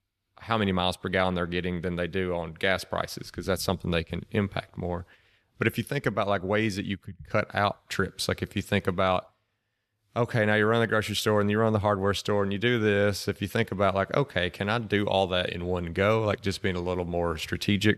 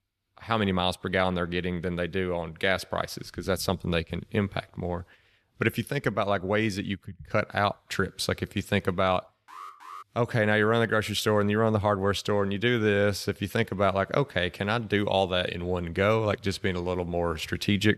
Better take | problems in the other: first | alarm; faint; at 9.5 s; peak 15 dB below the speech

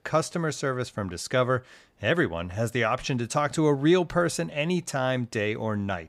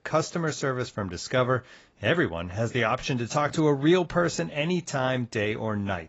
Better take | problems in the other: first | garbled, watery; badly; nothing above 7.5 kHz

